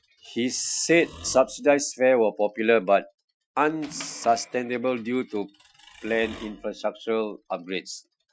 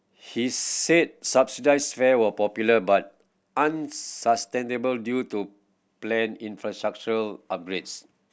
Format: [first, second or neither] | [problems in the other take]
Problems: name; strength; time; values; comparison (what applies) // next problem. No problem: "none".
second | noise reduction (classical method Wiener filter)